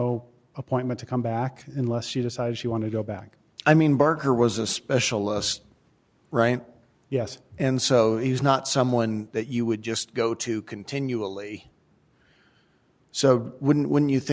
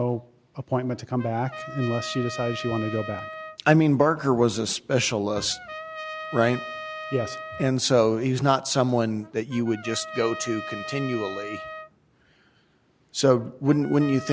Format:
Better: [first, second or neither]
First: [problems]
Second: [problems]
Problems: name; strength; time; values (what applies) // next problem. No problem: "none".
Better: first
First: none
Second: background sound (Trumpet); 14 dB below the speech